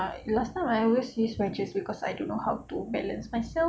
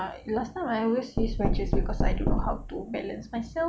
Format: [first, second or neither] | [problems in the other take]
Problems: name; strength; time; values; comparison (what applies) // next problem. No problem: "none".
first | background sound (Knock); 3 dB above the speech